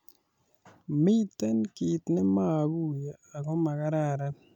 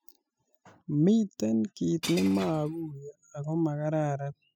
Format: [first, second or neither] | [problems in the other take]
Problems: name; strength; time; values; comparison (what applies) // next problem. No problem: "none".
first | noise reduction (classical method spectral subtraction)